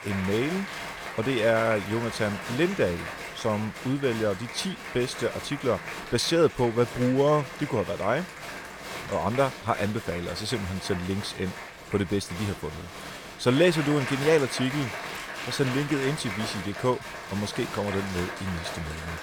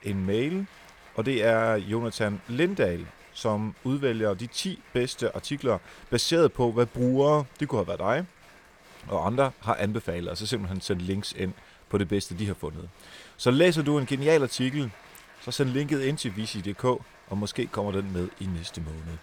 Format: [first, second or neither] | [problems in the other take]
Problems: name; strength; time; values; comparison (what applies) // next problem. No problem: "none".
second | crowd noise; loud; throughout; 8 dB below the speech; faint in the second